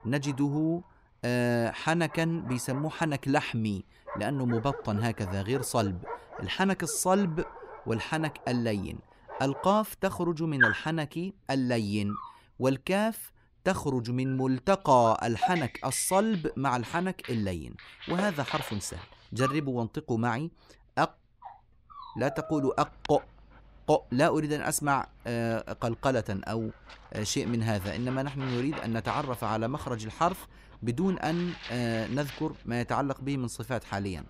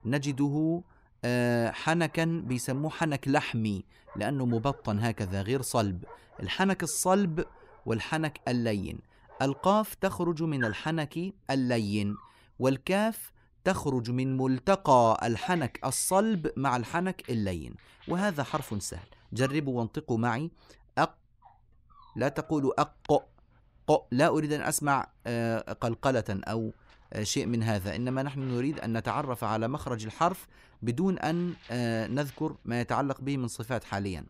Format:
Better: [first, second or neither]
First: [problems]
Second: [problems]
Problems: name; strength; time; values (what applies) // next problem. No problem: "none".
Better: second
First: animal sounds; loud; throughout; 9 dB below the speech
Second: animal sounds; faint; throughout; 20 dB below the speech